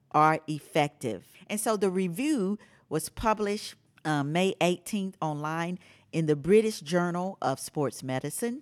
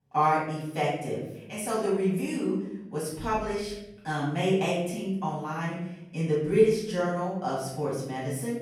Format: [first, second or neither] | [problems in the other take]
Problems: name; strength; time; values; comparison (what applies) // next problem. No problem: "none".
first | room echo; noticeable; dies away in 1 s // off-mic speech; far